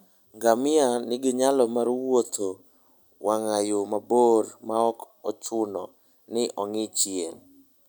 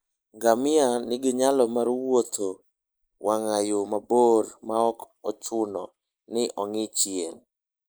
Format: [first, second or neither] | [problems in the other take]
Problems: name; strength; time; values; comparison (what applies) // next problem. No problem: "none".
first | noise reduction (neural mask model Resemble Enhance denoiser)